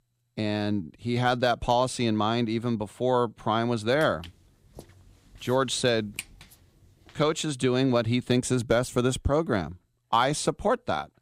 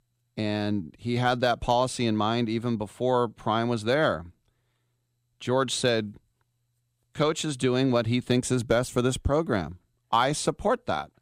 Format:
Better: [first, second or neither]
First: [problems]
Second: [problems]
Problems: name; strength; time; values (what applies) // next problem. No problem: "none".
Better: second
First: footsteps; faint; from 4 to 7 s; peak 15 dB below the speech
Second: none